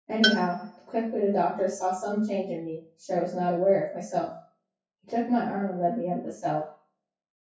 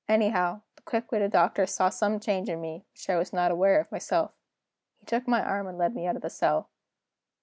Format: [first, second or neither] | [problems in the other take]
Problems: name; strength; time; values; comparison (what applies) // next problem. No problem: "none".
second | noise reduction (classical method WPE with log-MMSE)